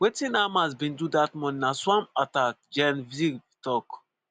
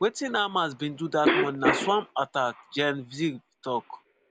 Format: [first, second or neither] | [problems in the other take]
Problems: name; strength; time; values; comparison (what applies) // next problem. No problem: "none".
first | background sound (Cough); 3 dB below the speech